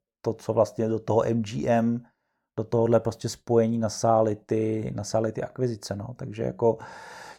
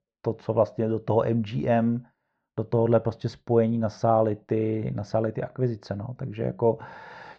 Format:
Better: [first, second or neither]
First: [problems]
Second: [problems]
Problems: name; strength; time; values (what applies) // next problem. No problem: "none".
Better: first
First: none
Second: muffled; slightly; fading above 4 kHz